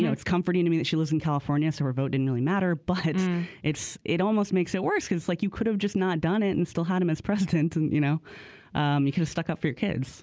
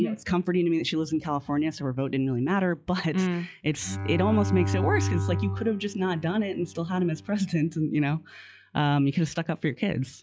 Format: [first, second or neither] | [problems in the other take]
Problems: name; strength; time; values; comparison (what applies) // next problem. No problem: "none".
first | noise reduction (classical method log-MMSE)